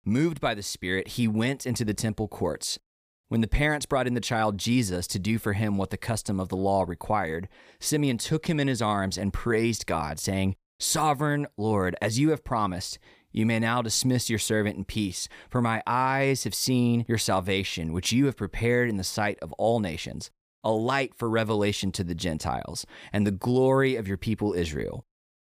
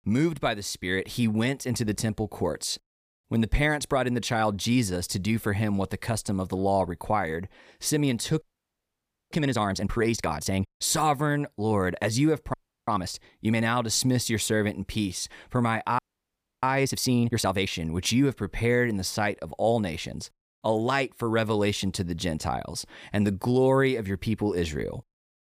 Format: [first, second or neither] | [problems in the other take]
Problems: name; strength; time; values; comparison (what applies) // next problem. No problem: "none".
first | audio freezing; at 8.5 s for 1 s, at 13 s and at 16 s for 0.5 s